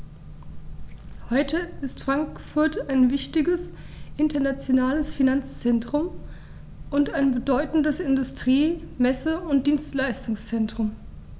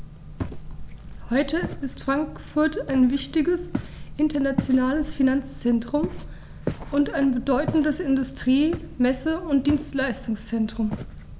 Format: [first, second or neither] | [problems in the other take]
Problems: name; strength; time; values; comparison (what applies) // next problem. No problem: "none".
first | background sound (Walk, footsteps); 13 dB below the speech